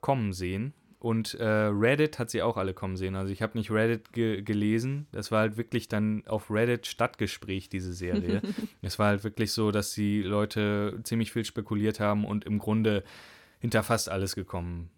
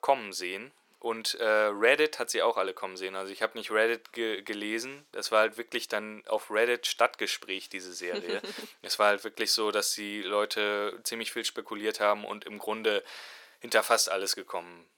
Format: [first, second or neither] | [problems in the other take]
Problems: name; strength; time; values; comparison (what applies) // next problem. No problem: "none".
first | thin; very; fading below 450 Hz